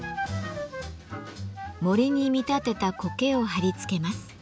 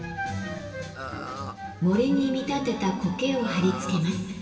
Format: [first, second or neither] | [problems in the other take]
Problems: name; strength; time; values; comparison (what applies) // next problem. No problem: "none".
first | background sound (Burping, eructation); 11 dB below the speech // room echo; dies away in 2.5 s